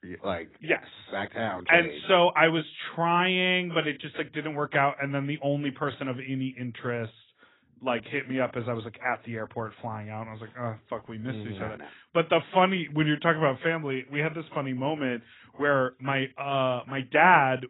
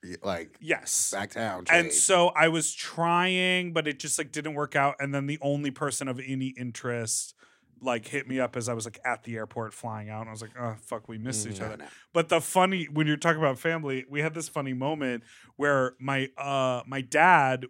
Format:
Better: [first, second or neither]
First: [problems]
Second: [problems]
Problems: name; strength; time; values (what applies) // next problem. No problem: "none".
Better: second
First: garbled, watery; badly; nothing above 3.5 kHz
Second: none